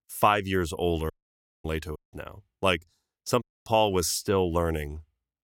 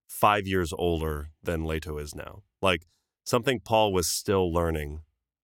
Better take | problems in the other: second | audio cutting out; at 1 s for 0.5 s, at 2 s and at 3.5 s

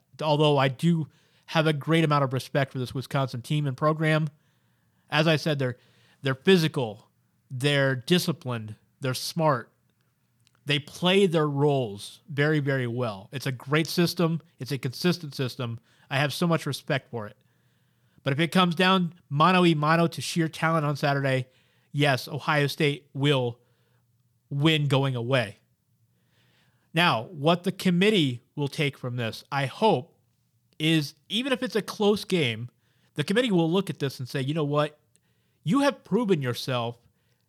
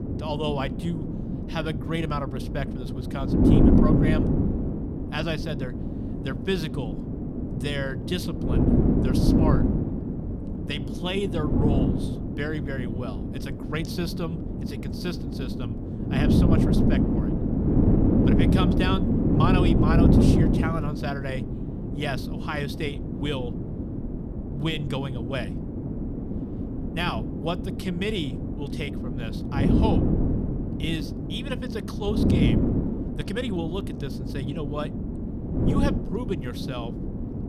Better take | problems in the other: first | wind noise on the microphone; heavy; 1 dB above the speech

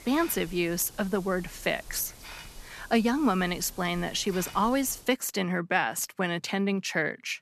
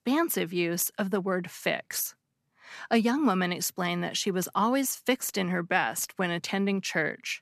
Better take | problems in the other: second | hiss; noticeable; until 5 s; 20 dB below the speech

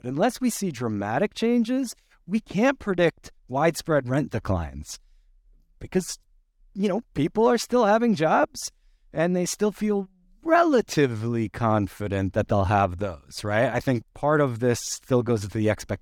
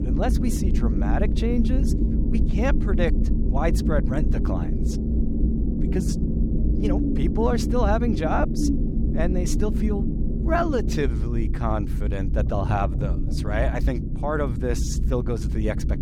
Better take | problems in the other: first | low rumble; loud; throughout; 5 dB below the speech

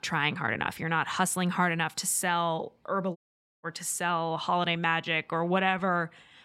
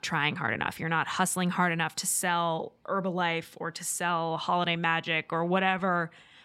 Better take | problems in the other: second | audio cutting out; at 3 s

